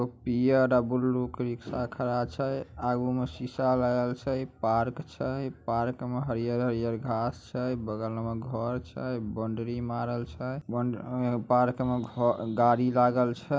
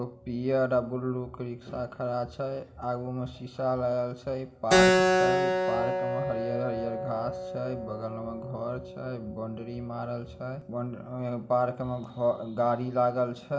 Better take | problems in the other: first | background sound (Keyboard (musical)); 1 dB below the speech // room echo; dies away in 2.1 s

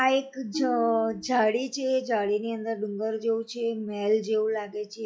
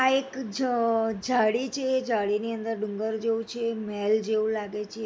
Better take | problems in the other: second | noise reduction (classical method log-MMSE)

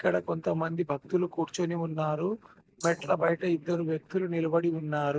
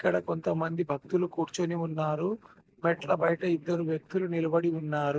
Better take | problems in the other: second | background sound (Rattle (instrument)); 15 dB below the speech

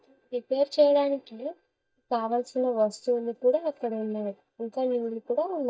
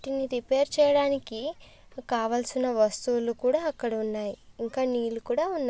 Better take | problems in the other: second | noise reduction (neural mask model DeepFilterNet 3)

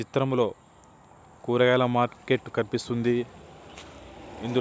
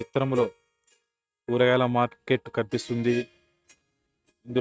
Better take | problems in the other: first | noise reduction (neural mask model RNNoise)

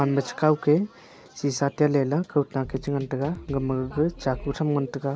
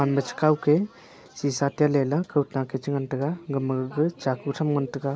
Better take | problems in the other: second | background sound (Drum kit); 16 dB below the speech

